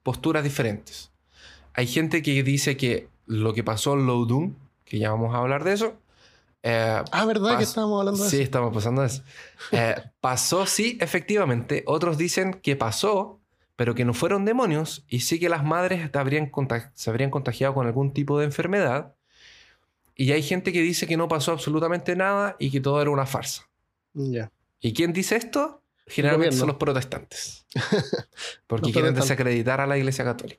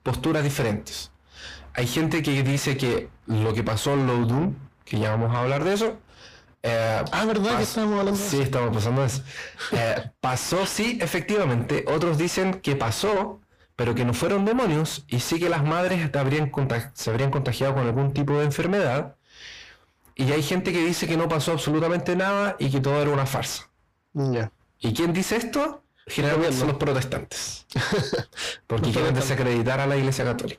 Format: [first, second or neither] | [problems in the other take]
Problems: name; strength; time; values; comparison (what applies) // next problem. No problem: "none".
first | distortion; heavy; 7 dB below the speech